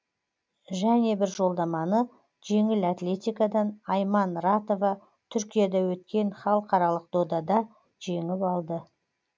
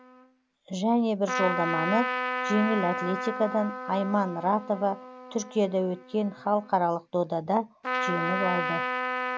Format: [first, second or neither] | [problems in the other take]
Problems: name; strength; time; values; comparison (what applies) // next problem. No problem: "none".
first | background sound (Trumpet); 5 dB below the speech